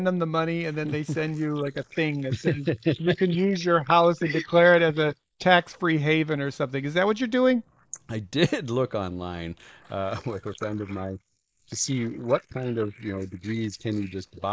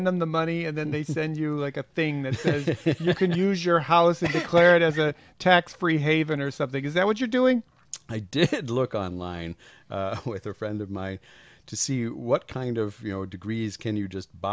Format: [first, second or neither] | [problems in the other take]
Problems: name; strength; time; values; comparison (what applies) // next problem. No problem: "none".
second | noise reduction (neural mask model Resemble Enhance denoiser)